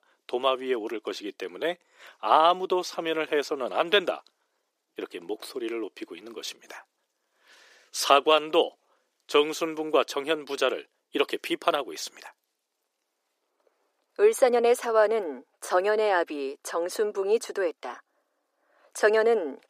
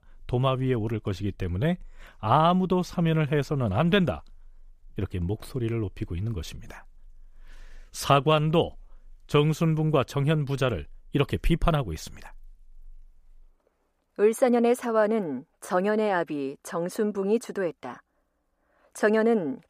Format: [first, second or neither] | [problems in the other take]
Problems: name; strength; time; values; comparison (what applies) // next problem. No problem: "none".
second | thin; very; fading below 350 Hz